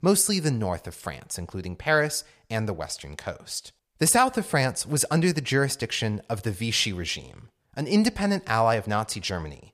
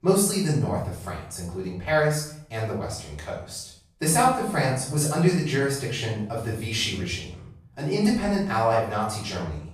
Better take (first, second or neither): first